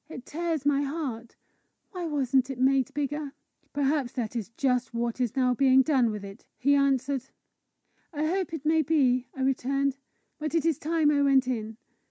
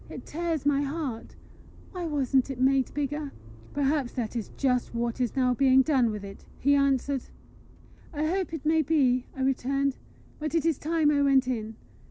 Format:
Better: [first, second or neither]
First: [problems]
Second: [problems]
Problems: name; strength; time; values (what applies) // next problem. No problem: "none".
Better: first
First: none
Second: background sound (Motor vehicle (road)); 18 dB below the speech